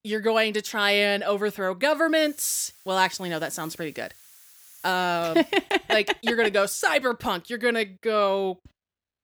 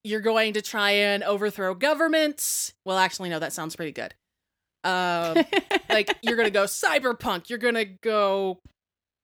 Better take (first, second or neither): second